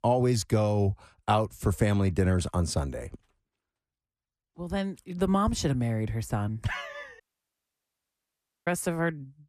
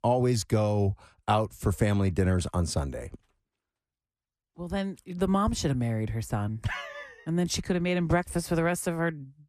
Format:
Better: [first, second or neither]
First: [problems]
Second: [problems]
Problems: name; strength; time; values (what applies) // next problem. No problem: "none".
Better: second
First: audio cutting out; at 7 s for 1.5 s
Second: none